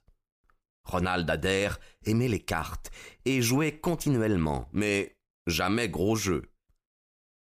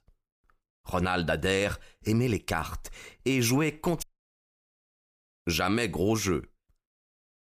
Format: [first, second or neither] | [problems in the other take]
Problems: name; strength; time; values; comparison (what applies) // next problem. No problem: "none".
first | audio cutting out; at 4 s for 1.5 s